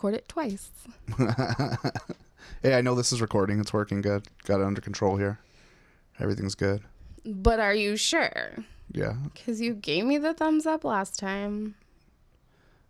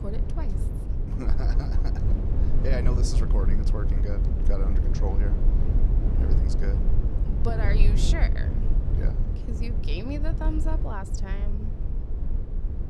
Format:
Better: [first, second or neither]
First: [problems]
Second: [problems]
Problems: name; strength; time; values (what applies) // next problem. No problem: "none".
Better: first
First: none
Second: low rumble; loud; throughout; 3 dB below the speech